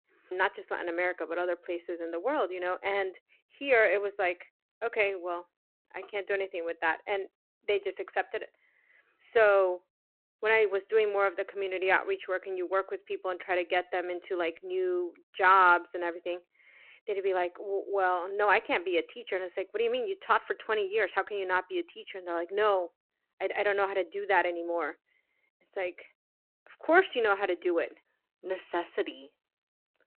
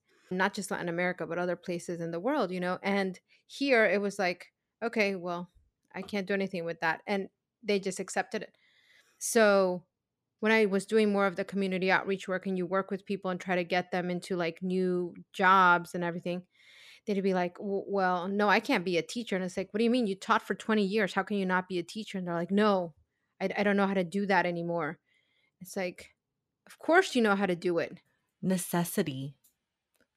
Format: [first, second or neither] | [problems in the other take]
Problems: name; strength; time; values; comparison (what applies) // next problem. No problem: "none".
second | phone-call audio; nothing above 4 kHz